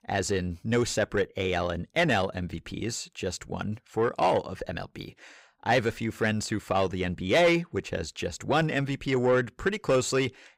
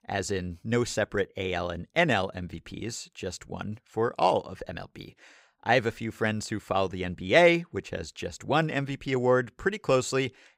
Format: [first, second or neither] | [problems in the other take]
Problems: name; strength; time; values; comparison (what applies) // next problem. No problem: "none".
second | distortion; slight; 10 dB below the speech